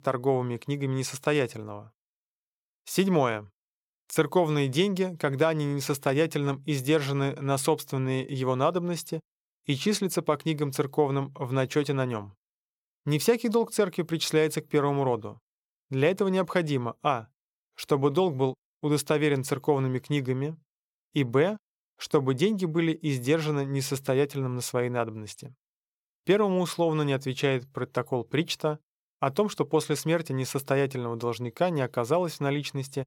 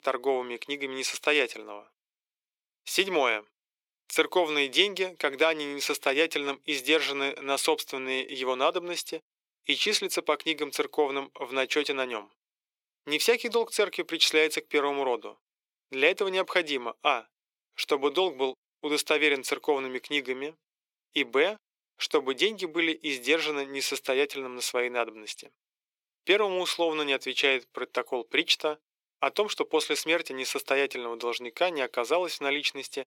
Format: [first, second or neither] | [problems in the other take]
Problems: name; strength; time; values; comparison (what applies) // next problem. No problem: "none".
first | thin; somewhat; fading below 300 Hz